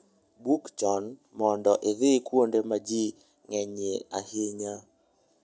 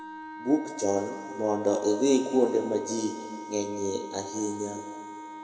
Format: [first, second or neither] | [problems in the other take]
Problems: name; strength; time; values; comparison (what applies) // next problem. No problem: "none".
first | background sound (Wind instrument, woodwind instrument); 12 dB below the speech // room echo; dies away in 2.1 s